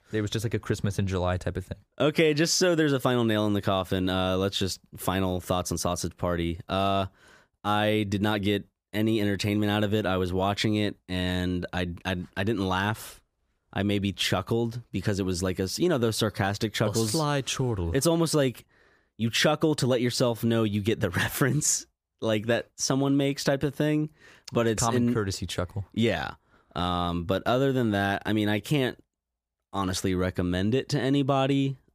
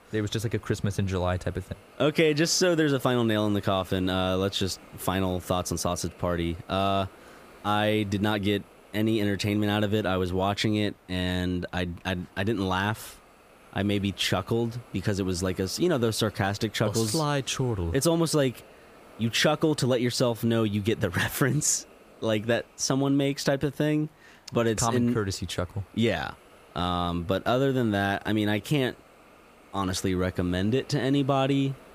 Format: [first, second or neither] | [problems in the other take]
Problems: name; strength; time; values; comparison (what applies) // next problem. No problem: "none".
first | hiss; faint; throughout; 25 dB below the speech